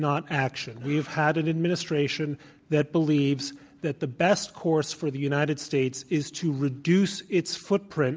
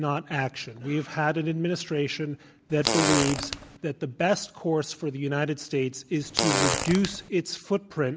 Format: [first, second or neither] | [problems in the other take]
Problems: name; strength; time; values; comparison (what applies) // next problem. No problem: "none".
first | background sound (Fart); as loud as the speech